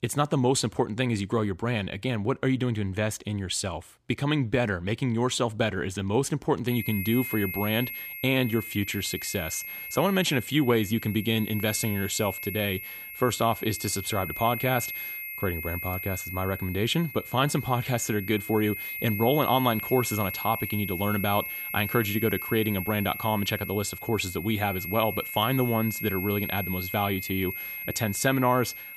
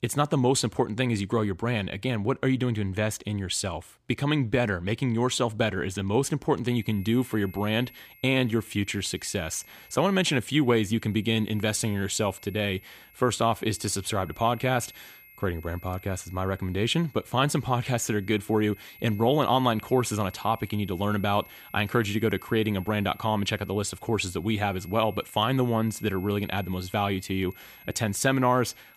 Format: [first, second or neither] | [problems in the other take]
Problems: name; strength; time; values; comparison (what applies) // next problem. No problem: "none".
second | high-pitched whine; loud; from 6.5 s on; 2 kHz, 7 dB below the speech; faint in the second